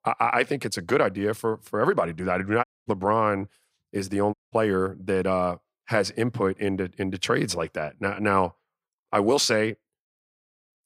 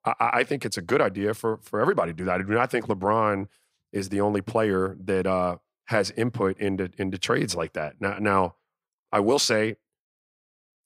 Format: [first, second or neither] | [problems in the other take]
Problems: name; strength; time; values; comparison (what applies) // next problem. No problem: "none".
second | audio cutting out; at 2.5 s and at 4.5 s